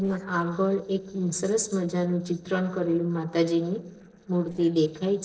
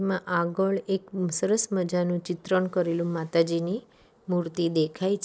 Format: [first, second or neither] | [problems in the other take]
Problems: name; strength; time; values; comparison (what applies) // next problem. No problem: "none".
second | noise reduction (neural separator model SepFormer DNS4)